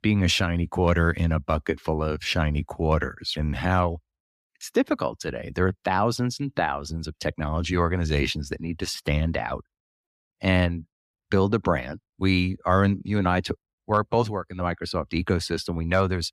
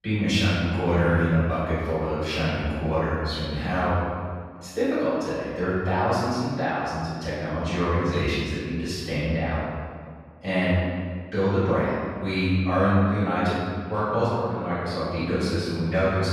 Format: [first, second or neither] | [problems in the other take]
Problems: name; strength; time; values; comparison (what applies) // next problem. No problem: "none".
first | off-mic speech; far // room echo; strong; dies away in 1.7 s